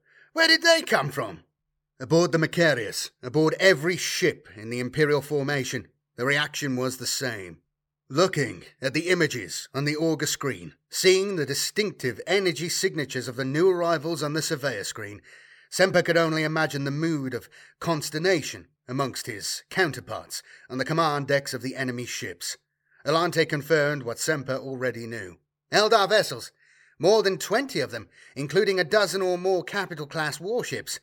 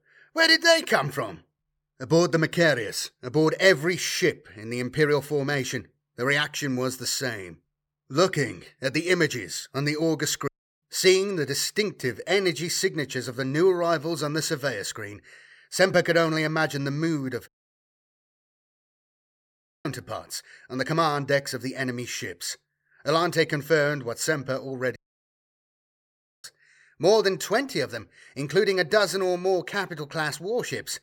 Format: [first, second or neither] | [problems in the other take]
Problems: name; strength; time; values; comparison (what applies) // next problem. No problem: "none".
first | audio cutting out; at 10 s, at 17 s for 2.5 s and at 25 s for 1.5 s